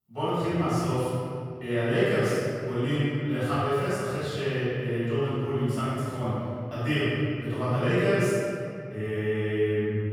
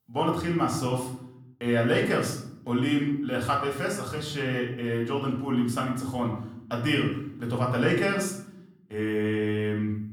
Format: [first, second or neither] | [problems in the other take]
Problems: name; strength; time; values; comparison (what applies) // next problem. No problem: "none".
second | room echo; strong; dies away in 2.4 s; slight in the second // off-mic speech; far; far in the second